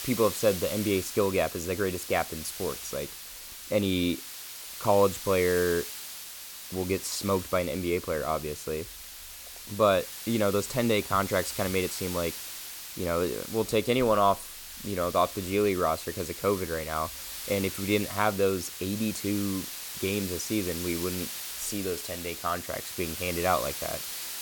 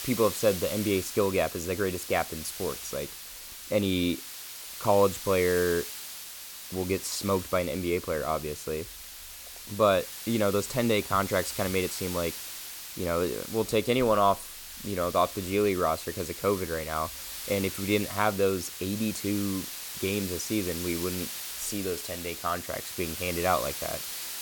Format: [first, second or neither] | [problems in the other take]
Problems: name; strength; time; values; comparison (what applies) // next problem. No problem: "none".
neither | hiss; loud; throughout; 8 dB below the speech; the same in both